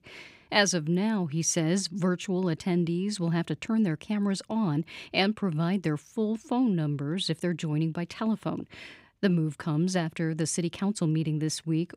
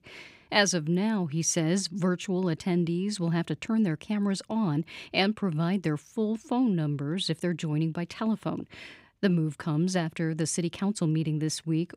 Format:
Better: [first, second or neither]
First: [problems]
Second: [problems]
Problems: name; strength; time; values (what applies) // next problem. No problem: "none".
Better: neither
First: none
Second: none